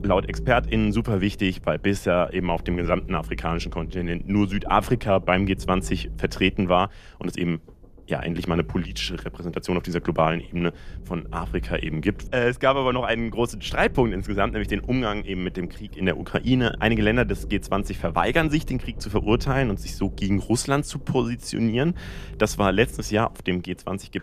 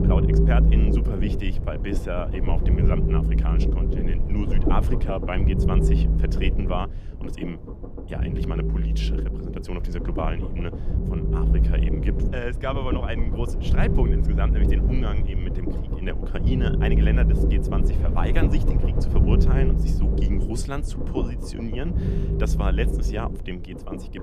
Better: first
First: low rumble; faint; throughout; 25 dB below the speech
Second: low rumble; loud; throughout; 1 dB below the speech

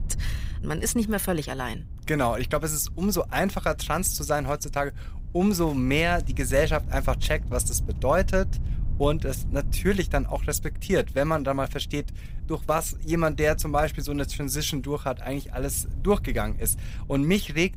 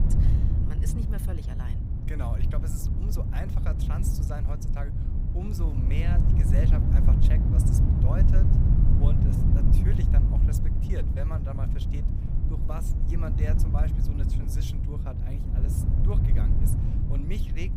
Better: first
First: wind noise on the microphone; occasional gusts; 25 dB below the speech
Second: wind noise on the microphone; heavy; 2 dB above the speech

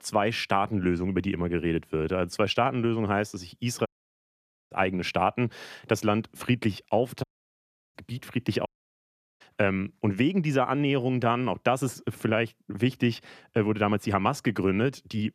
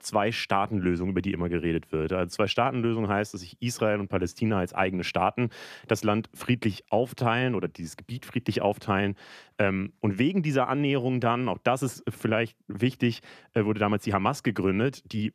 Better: second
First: audio cutting out; at 4 s for 1 s, at 7 s for 0.5 s and at 8.5 s for 0.5 s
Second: none

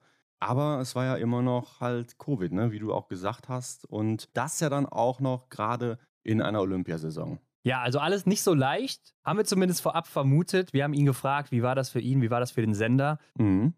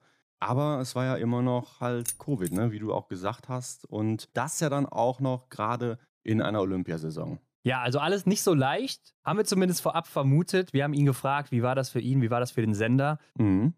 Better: first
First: none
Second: jangling keys; noticeable; at 2 s; peak 6 dB below the speech

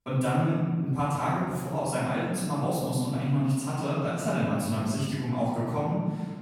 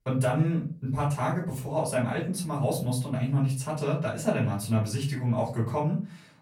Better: second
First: room echo; strong; dies away in 1.4 s // off-mic speech; far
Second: room echo; slight; dies away in 0.4 s // off-mic speech; far

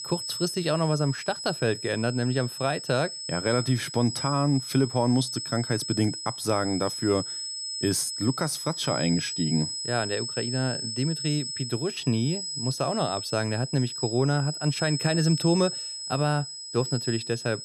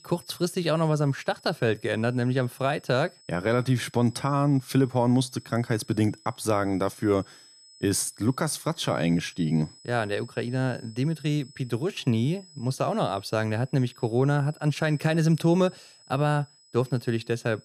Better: second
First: high-pitched whine; loud; throughout; 5 kHz, 5 dB below the speech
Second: high-pitched whine; faint; throughout; 5 kHz, 25 dB below the speech

